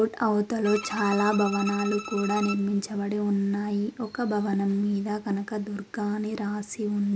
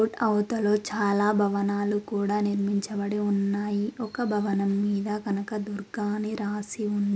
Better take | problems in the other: second | background sound (Bowed string instrument); 11 dB below the speech

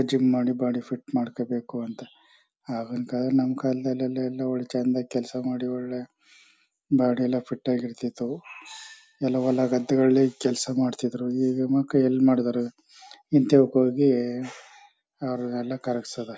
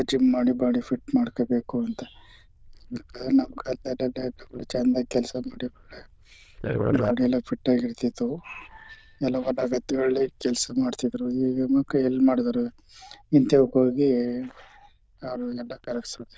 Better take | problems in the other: first | noise reduction (neural diffusion model UNIVERSE++)

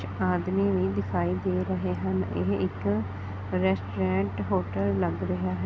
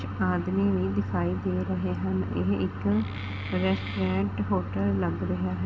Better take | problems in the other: first | background sound (Wood); 16 dB below the speech // room echo; dies away in 0.6 s

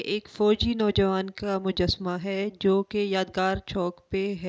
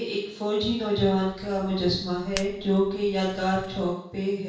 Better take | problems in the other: first | background sound (Hands); 16 dB below the speech // room echo; dies away in 0.7 s

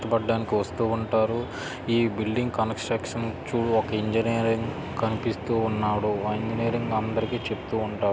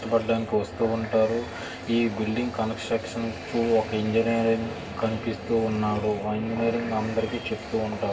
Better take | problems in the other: first | background sound (Water tap, faucet); 17 dB below the speech // room echo; dies away in 0.1 s

